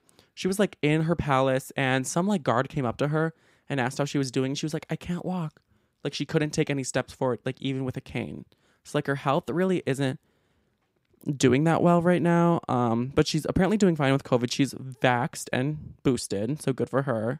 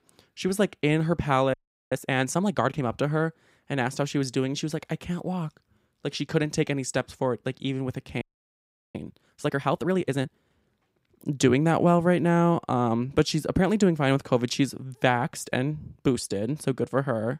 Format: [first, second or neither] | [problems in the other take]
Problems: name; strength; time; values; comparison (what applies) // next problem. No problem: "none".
first | audio freezing; at 1.5 s and at 8 s for 0.5 s